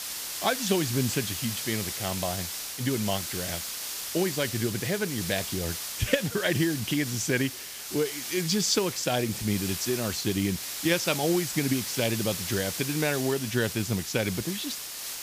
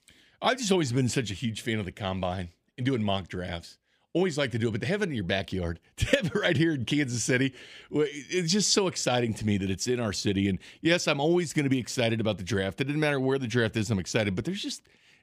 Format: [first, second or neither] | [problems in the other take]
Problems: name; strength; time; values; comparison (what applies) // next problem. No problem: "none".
second | hiss; loud; throughout; 4 dB below the speech